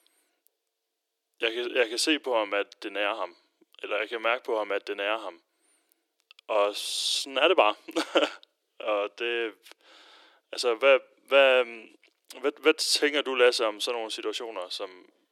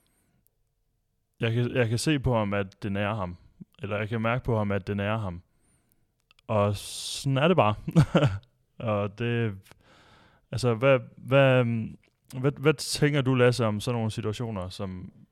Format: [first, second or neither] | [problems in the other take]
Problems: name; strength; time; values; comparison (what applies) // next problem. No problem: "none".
second | thin; very; fading below 300 Hz